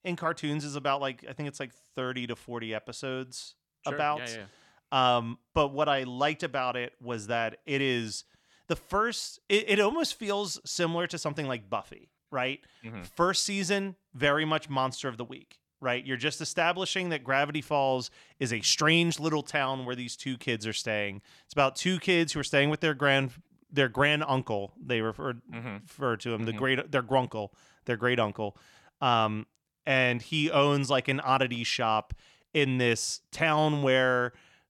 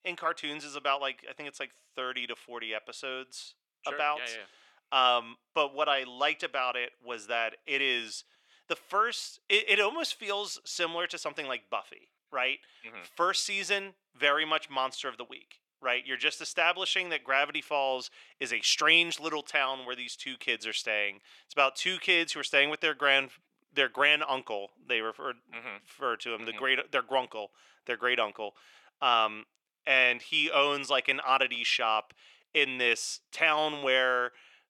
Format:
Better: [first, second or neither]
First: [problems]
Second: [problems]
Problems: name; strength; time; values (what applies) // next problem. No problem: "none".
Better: first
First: none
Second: thin; somewhat; fading below 450 Hz